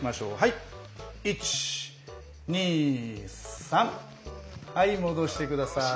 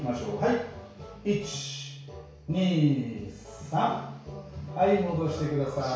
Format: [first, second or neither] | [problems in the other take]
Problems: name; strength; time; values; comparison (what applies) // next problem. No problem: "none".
first | room echo; dies away in 0.6 s